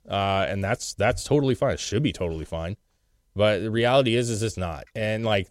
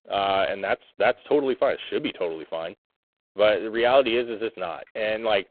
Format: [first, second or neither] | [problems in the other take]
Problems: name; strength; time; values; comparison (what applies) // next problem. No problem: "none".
first | phone-call audio; poor line